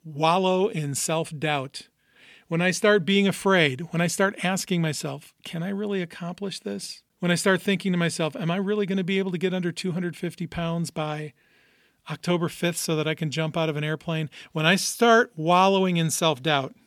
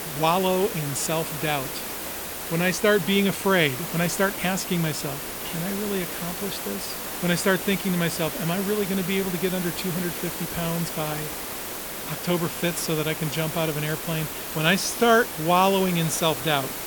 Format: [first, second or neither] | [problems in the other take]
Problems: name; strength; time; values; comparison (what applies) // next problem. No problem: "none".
first | hiss; loud; throughout; 5 dB below the speech